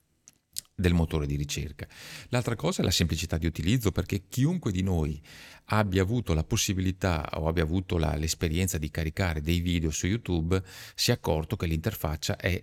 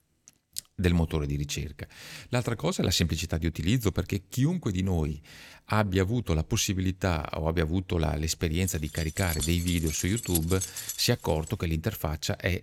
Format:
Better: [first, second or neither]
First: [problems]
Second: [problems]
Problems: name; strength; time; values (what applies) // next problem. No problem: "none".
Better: first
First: none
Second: jangling keys; noticeable; from 9 to 11 s; peak 2 dB below the speech